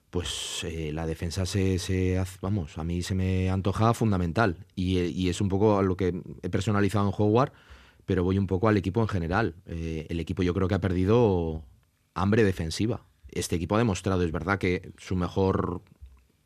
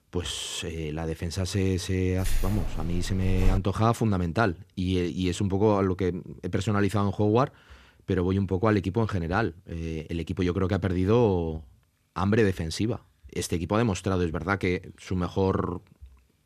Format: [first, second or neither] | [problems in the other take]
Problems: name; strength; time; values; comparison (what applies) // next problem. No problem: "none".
first | jangling keys; noticeable; from 2.5 to 3.5 s; peak 4 dB below the speech